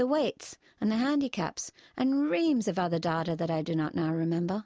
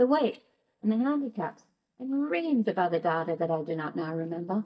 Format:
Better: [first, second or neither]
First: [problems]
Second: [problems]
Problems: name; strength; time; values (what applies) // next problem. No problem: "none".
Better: first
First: none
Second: noise reduction (neural mask model DeepFilterNet 3)